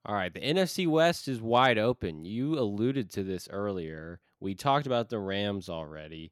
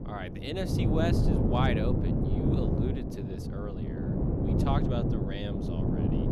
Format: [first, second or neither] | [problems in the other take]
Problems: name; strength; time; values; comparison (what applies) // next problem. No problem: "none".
first | wind noise on the microphone; heavy; as loud as the speech